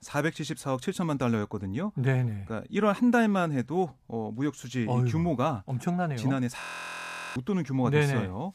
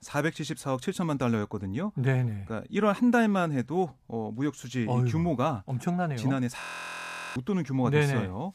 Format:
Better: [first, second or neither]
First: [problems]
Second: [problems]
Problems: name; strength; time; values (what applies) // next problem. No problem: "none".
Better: neither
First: audio freezing; at 6.5 s for 1 s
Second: audio freezing; at 6.5 s for 1 s